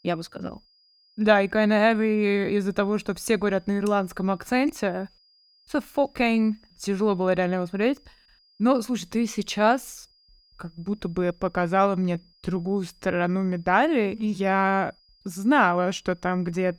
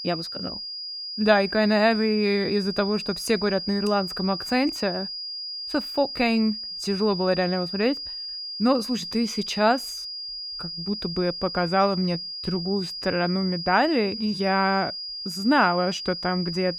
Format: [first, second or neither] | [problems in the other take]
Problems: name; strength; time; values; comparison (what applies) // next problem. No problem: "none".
first | high-pitched whine; loud; throughout; 5 kHz, 7 dB below the speech; faint in the first